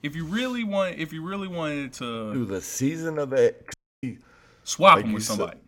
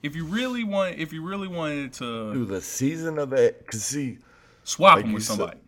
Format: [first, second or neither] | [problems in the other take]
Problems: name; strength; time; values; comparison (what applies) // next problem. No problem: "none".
second | audio cutting out; at 3.5 s